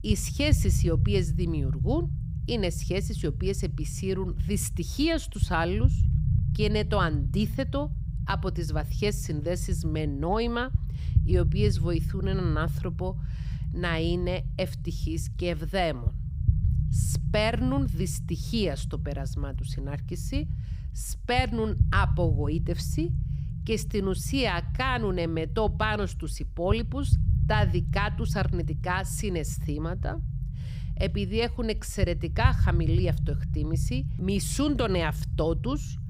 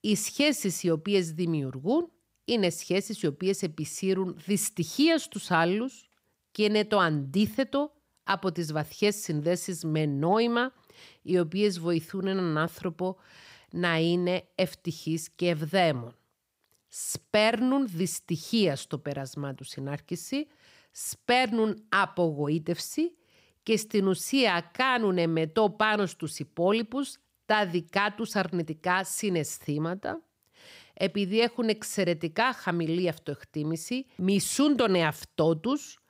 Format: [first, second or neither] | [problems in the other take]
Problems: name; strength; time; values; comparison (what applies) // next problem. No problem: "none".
second | low rumble; noticeable; throughout; 15 dB below the speech